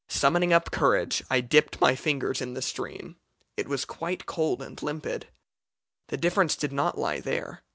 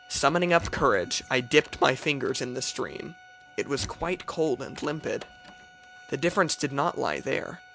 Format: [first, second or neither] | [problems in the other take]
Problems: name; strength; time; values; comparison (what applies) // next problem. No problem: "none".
first | background sound (Door + Bowed string instrument); 18 dB below the speech